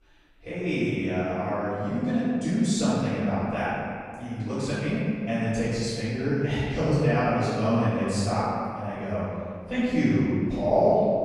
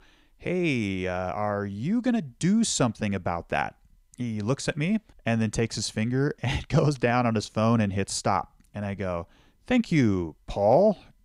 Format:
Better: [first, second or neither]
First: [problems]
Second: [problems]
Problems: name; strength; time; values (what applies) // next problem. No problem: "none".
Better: second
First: off-mic speech; far // room echo; strong; dies away in 2.1 s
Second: none